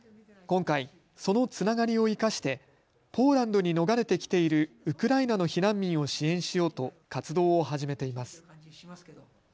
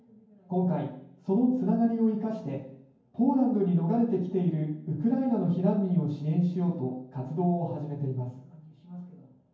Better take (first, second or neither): first